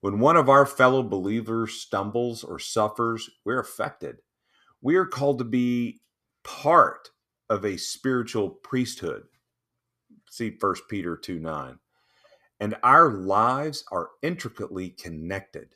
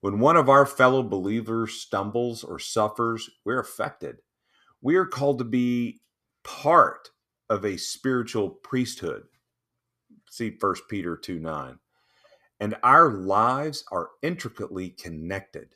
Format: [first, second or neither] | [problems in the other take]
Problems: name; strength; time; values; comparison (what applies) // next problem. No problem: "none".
neither | none